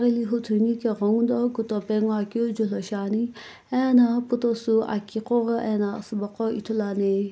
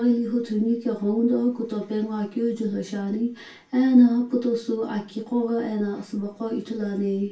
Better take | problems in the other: first | room echo; dies away in 0.2 s

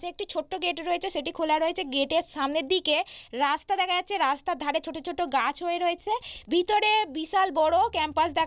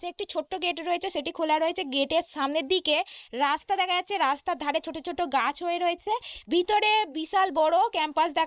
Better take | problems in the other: first | noise reduction (neural mask model Resemble Enhance denoiser)

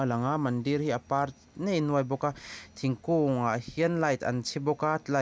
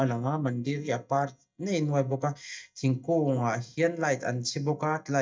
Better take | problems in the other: first | noise reduction (neural mask model DeepFilterNet 3)

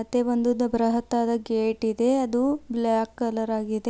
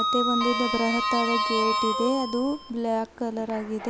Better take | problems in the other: first | background sound (Sliding door); 1 dB below the speech

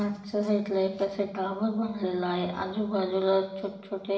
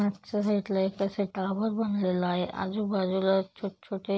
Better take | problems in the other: second | room echo; dies away in 1.1 s

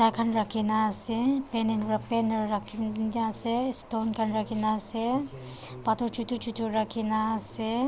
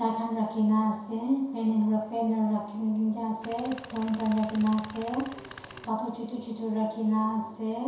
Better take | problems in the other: first | background sound (Tools); 17 dB below the speech // room echo; dies away in 0.7 s

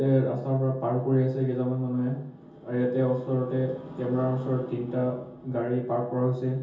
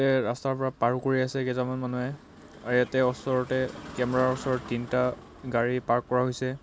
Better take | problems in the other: second | room echo; dies away in 0.7 s

